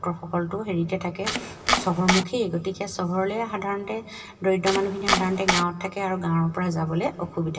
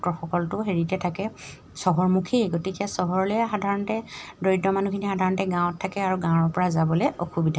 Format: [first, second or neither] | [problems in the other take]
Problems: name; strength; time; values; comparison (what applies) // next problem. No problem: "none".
second | background sound (Domestic sounds, home sounds); 1 dB above the speech // room echo; dies away in 2.9 s